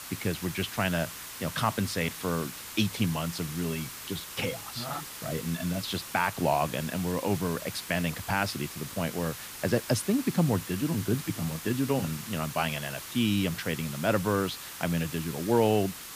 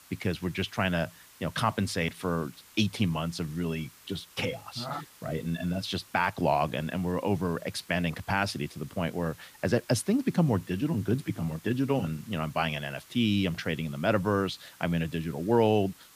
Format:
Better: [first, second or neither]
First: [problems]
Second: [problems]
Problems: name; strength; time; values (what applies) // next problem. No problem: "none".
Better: second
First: hiss; loud; throughout; 9 dB below the speech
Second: hiss; faint; throughout; 20 dB below the speech